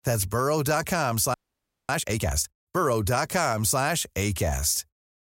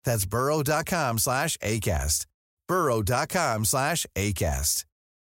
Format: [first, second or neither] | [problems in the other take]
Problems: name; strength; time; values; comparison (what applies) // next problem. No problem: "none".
second | audio freezing; at 1.5 s for 0.5 s